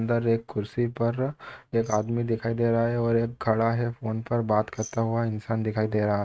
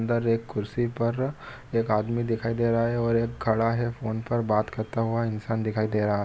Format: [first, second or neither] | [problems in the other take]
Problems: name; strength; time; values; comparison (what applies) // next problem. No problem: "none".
second | noise reduction (neural mask model RNNoise)